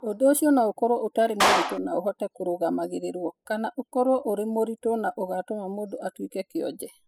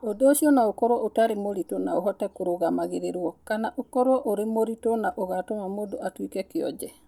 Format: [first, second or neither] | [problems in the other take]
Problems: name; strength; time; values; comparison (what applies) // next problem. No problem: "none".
second | noise reduction (classical method spectral subtraction)